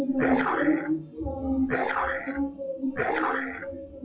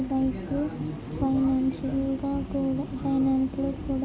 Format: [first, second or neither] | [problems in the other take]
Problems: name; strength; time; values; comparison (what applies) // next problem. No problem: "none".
second | noise reduction (classical method WPE with log-MMSE)